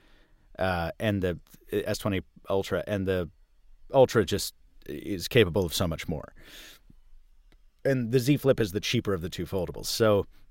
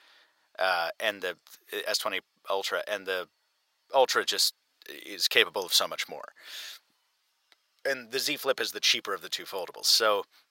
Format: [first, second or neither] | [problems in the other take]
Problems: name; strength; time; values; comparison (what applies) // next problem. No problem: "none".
first | thin; very; fading below 900 Hz